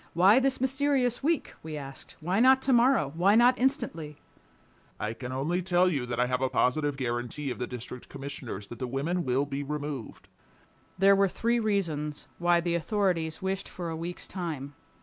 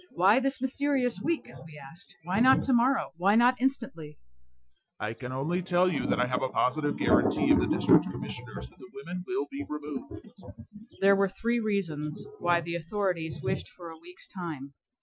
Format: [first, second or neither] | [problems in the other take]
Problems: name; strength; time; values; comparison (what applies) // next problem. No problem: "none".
first | noise reduction (classical method Wiener filter)